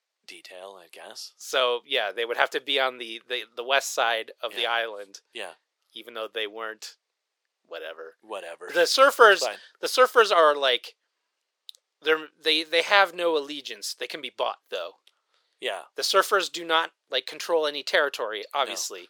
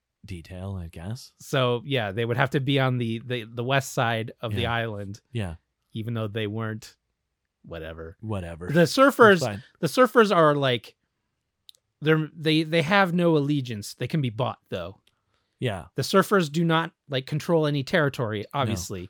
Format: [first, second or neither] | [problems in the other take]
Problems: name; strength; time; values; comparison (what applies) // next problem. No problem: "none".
second | thin; very; fading below 450 Hz